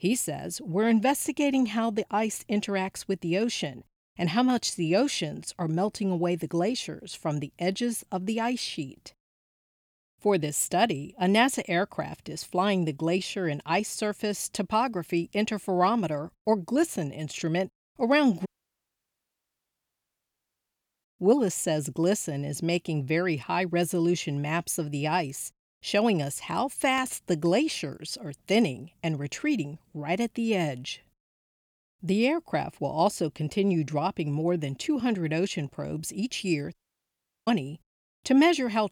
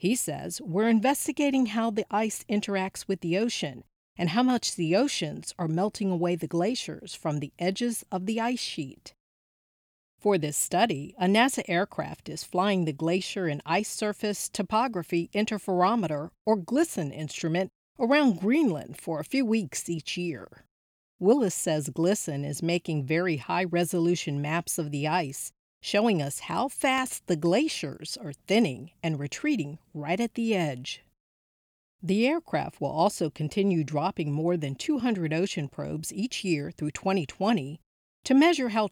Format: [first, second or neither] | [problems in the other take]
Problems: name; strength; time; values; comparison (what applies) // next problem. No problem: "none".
second | audio cutting out; at 18 s for 2.5 s and at 37 s for 0.5 s